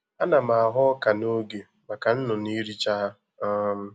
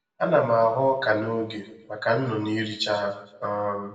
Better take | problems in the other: first | room echo; dies away in 0.7 s

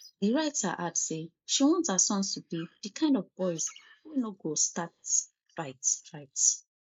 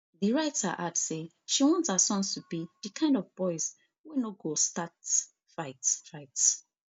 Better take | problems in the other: second | noise reduction (neural mask model Resemble Enhance denoiser)

